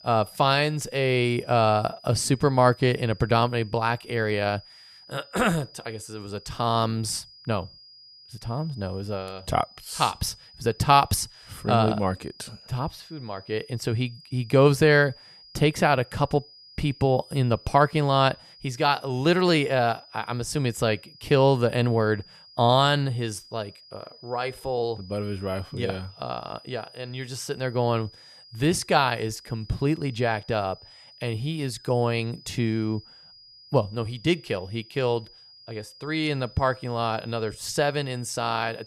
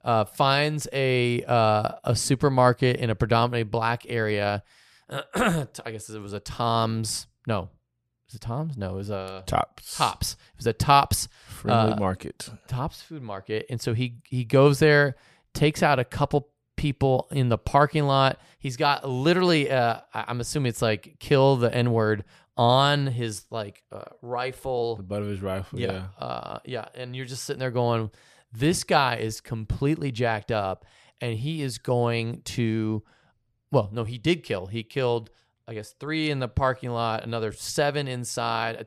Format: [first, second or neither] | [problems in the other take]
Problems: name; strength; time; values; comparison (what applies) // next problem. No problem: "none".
second | high-pitched whine; faint; throughout; 5 kHz, 25 dB below the speech